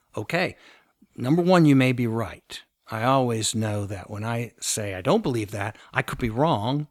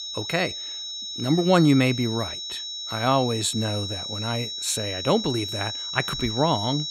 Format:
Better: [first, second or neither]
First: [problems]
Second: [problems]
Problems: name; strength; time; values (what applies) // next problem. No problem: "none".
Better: first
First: none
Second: high-pitched whine; loud; throughout; 4 kHz, 5 dB below the speech